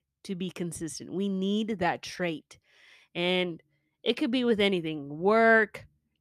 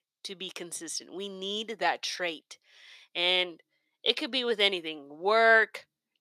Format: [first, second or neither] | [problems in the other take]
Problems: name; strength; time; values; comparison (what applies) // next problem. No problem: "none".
first | thin; somewhat; fading below 500 Hz